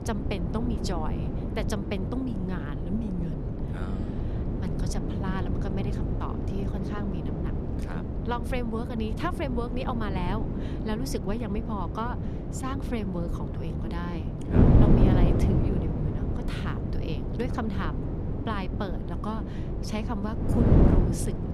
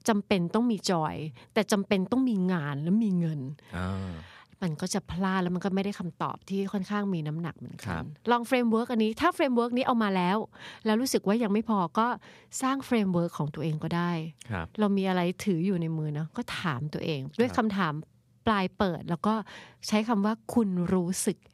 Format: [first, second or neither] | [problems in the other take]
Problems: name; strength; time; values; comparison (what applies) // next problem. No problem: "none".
second | wind noise on the microphone; heavy; as loud as the speech